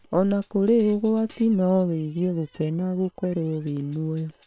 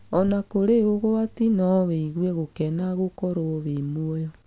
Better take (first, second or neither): second